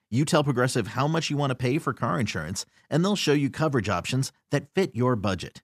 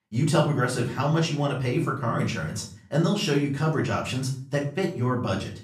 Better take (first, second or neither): first